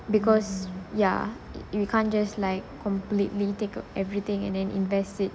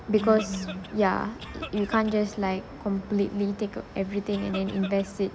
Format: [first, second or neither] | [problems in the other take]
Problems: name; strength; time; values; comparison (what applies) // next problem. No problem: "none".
first | background sound (Cough); 14 dB below the speech